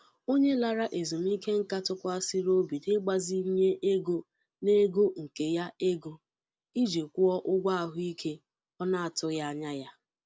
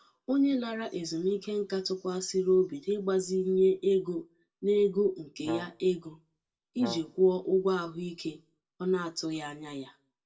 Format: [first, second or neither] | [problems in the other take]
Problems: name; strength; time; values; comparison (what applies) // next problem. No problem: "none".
first | background sound (Brass instrument); 14 dB below the speech // room echo; dies away in 0.2 s